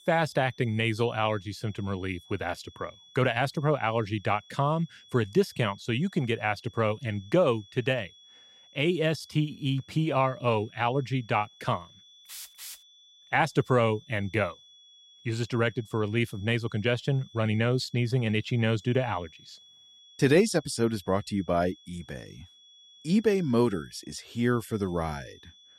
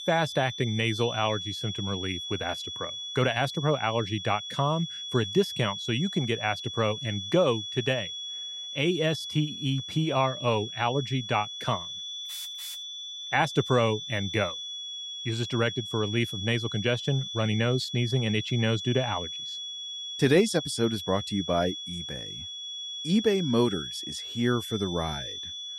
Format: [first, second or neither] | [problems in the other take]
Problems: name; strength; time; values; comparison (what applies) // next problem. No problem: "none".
first | high-pitched whine; loud; throughout; 3.5 kHz, 7 dB below the speech; faint in the first